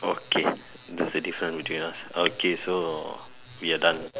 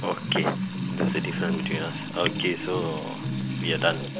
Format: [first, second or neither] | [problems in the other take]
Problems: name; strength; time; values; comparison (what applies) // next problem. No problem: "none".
first | background sound (Trickle, dribble / Water tap, faucet / Music); 1 dB below the speech